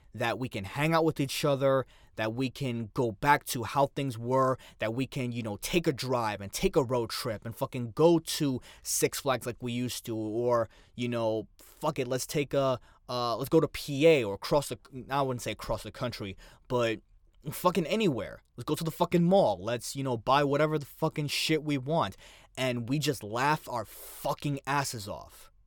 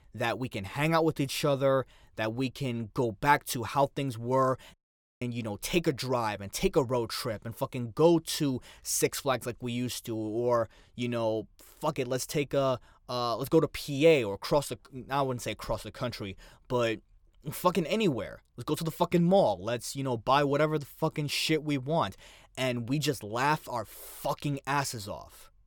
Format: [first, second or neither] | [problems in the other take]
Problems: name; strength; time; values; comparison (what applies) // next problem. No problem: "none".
first | audio cutting out; at 4.5 s